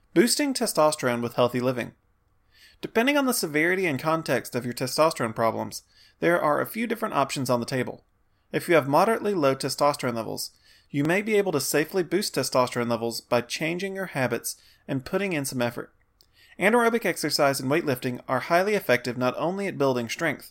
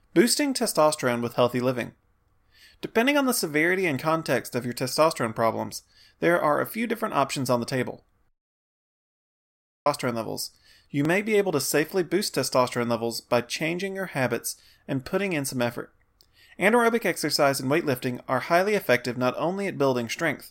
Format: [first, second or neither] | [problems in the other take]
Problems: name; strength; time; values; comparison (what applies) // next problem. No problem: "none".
first | audio cutting out; at 8.5 s for 1.5 s